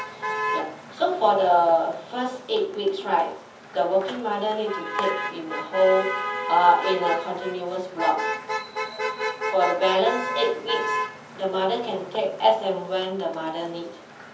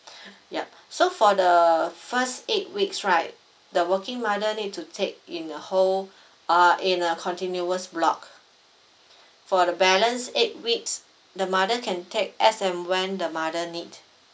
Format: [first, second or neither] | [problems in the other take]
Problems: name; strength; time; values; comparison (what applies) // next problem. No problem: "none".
second | background sound (Motor vehicle (road)); 7 dB below the speech // room echo; dies away in 0.7 s